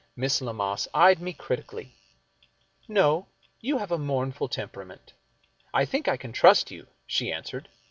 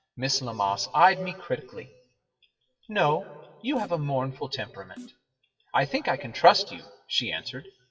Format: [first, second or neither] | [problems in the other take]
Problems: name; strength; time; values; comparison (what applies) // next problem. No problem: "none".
first | noise reduction (classical method WPE with log-MMSE)